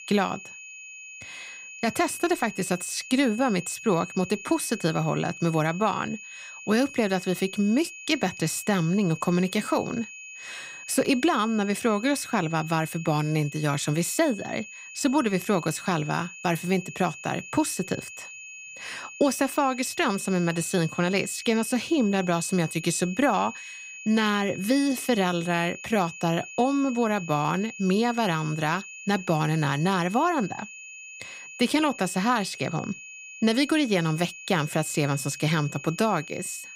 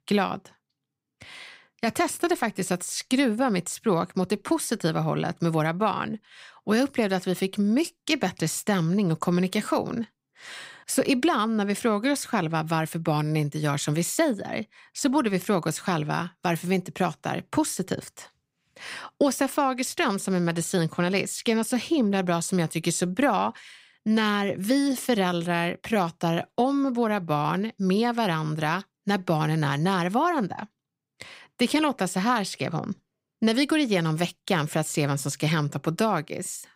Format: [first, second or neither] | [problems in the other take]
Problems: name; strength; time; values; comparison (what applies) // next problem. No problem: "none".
second | high-pitched whine; noticeable; throughout; 2.5 kHz, 15 dB below the speech